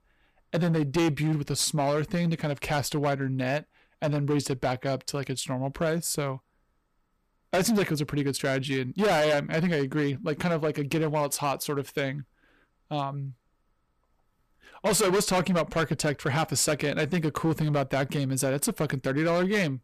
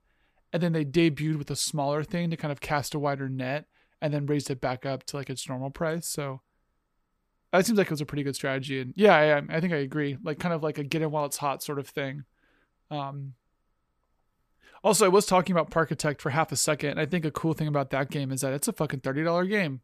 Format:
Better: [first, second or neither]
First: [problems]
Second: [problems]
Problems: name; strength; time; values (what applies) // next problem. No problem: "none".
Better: second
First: distortion; heavy; 10% of the sound clipped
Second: none